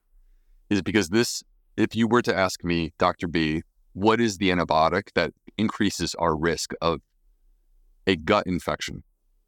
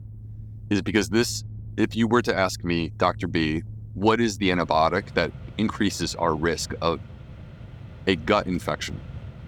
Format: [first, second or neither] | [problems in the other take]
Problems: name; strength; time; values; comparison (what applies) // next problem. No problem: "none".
first | machinery noise; noticeable; throughout; 15 dB below the speech